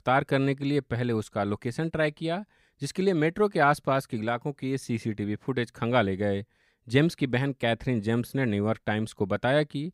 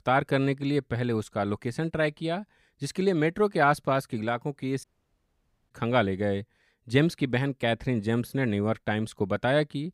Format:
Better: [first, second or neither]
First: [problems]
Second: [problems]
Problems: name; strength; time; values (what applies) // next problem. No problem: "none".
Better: first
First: none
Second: audio cutting out; at 5 s for 1 s